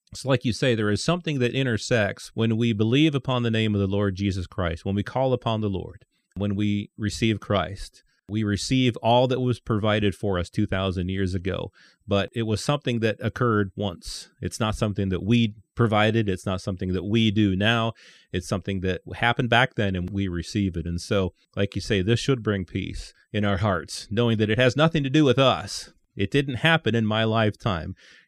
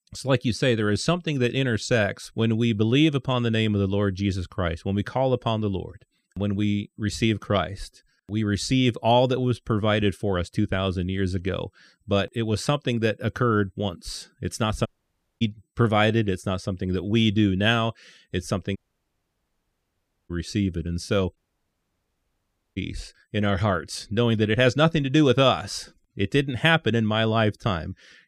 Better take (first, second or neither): first